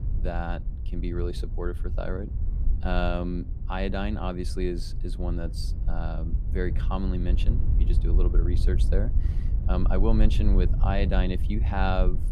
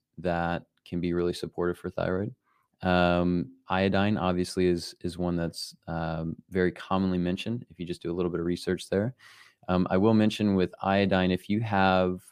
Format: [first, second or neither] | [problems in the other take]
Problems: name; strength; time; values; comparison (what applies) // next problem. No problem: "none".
second | wind noise on the microphone; occasional gusts; 10 dB below the speech